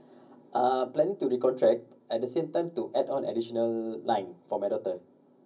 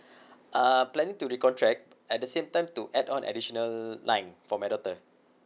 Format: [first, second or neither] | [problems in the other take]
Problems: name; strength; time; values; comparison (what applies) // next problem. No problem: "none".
second | room echo; dies away in 0.4 s